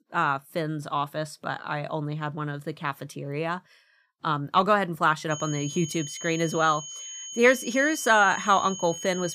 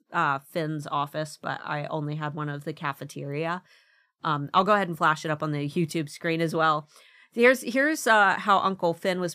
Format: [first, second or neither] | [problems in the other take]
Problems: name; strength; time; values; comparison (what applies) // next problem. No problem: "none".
second | high-pitched whine; loud; from 5.5 s on; 6.5 kHz, 10 dB below the speech